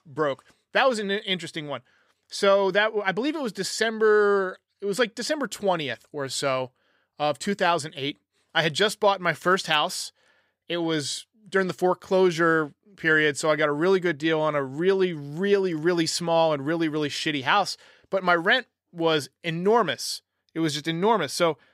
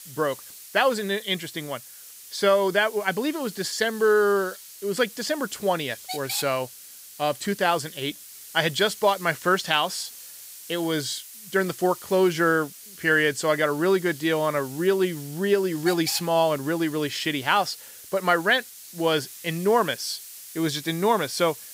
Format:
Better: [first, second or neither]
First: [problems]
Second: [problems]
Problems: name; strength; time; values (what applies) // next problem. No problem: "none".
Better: first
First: none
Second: hiss; noticeable; throughout; 15 dB below the speech